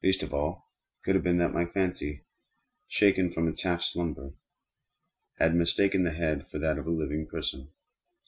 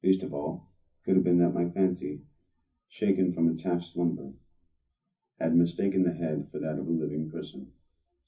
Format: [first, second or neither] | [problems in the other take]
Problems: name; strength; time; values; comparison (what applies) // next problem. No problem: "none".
first | room echo; dies away in 0.3 s